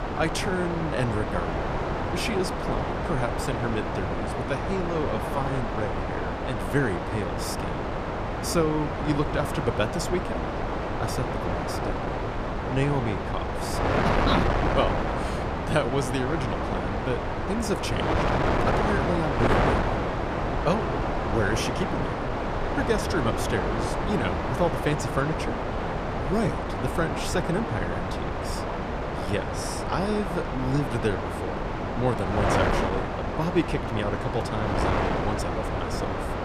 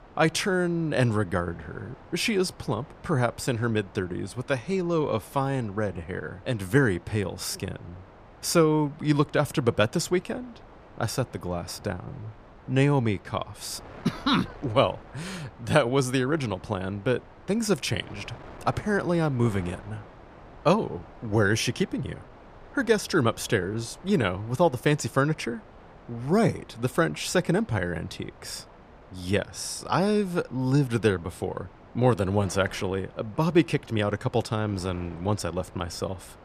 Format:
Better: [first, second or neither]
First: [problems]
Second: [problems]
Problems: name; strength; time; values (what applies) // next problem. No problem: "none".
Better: second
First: wind noise on the microphone; heavy; 3 dB above the speech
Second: wind noise on the microphone; occasional gusts; 20 dB below the speech